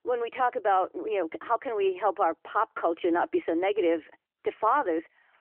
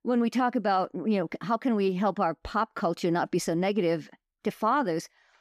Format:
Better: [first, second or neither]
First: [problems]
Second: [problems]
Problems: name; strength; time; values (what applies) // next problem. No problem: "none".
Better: second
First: phone-call audio; nothing above 3 kHz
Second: none